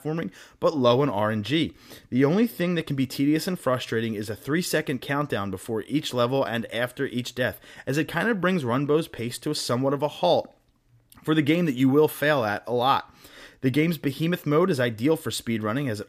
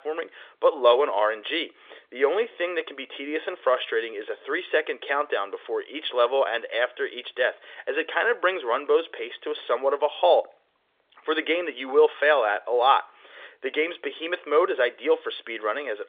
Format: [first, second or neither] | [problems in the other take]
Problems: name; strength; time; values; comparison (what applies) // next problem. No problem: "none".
first | phone-call audio